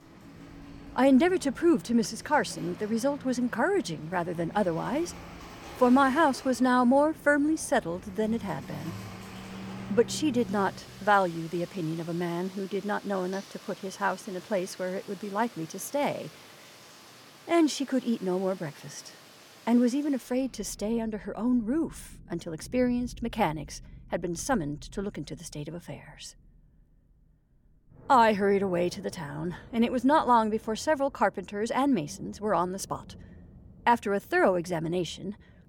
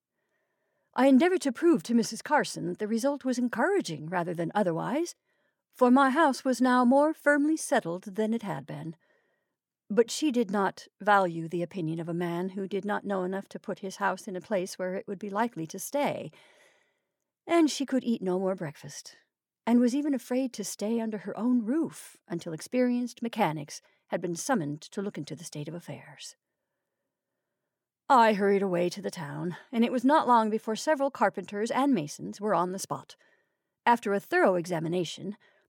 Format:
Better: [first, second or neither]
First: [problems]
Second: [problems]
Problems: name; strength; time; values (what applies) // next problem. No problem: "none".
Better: second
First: rain or running water; noticeable; throughout; 20 dB below the speech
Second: none